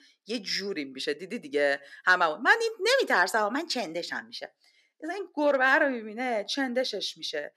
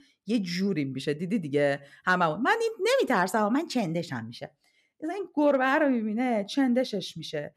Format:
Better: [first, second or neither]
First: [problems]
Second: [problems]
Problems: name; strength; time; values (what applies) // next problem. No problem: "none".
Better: second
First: thin; somewhat; fading below 350 Hz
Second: none